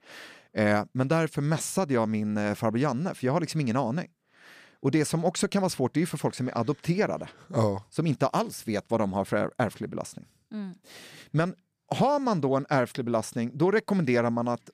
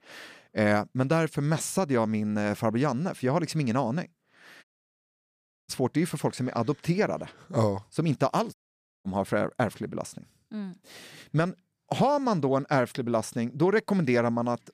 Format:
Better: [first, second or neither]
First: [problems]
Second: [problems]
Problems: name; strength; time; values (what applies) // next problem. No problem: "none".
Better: first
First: none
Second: audio cutting out; at 4.5 s for 1 s and at 8.5 s for 0.5 s